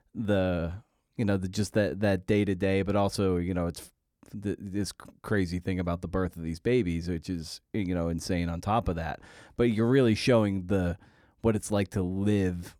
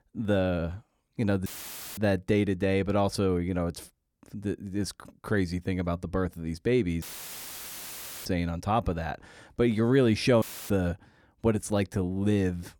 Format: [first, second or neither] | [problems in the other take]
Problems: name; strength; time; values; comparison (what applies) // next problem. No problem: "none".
first | audio cutting out; filled with static; at 1.5 s for 0.5 s, at 7 s for 1 s and at 10 s